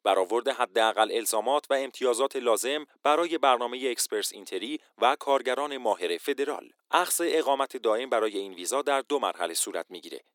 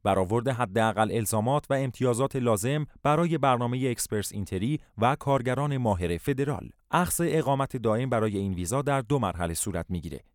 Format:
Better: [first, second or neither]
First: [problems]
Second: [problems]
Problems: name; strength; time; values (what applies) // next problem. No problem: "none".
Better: second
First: thin; very; fading below 300 Hz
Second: none